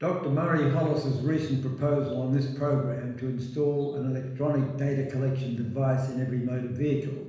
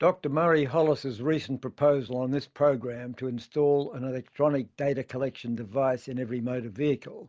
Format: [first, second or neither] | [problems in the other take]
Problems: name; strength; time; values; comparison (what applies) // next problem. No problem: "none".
second | room echo; dies away in 1.1 s